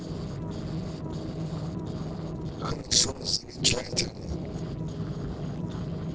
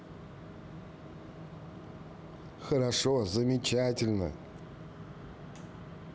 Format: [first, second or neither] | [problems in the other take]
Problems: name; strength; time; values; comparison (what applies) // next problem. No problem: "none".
second | noise reduction (neural separator model SepFormer DNS4)